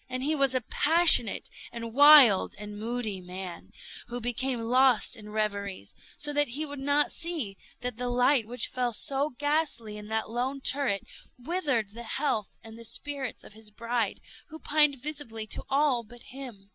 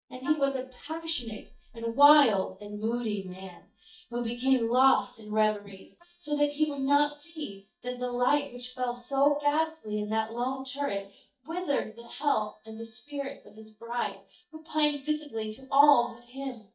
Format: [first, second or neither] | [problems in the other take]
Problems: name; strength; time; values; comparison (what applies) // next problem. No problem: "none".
first | noise reduction (neural mask model DeepFilterNet 3)